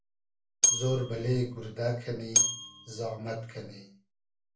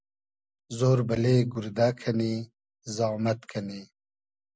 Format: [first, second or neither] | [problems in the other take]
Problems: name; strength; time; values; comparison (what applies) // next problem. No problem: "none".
second | background sound (Bell); 4 dB above the speech // room echo; dies away in 0.3 s